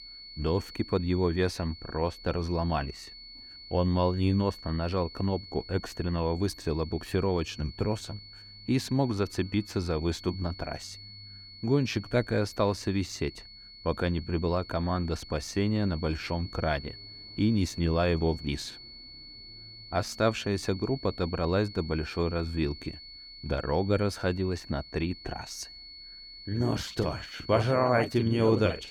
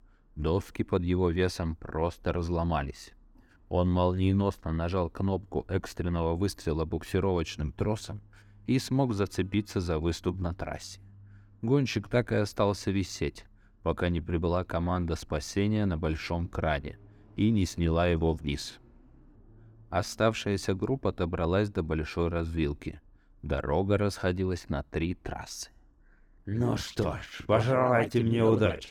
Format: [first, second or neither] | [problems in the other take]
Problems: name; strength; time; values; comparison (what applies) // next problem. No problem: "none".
second | high-pitched whine; noticeable; throughout; 4.5 kHz, 15 dB below the speech